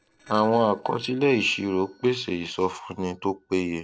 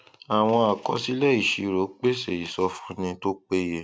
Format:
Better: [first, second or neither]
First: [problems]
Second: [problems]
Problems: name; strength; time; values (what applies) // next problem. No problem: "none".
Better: second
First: noise reduction (neural separator model SepFormer DNS4)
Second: none